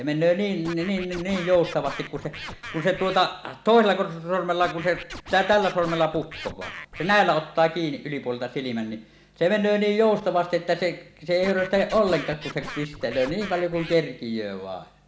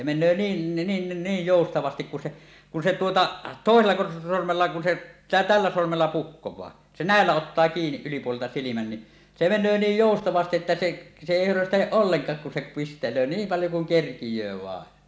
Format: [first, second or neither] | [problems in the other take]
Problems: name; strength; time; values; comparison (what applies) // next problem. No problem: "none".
second | background sound (Scratching (performance technique)); 13 dB below the speech